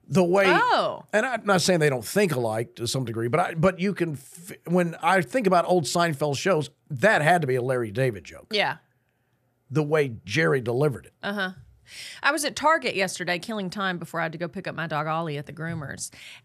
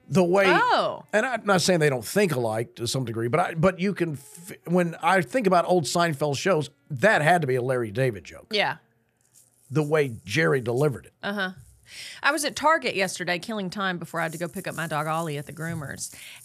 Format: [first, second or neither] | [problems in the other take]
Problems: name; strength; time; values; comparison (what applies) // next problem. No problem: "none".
first | background music; faint; throughout; 25 dB below the speech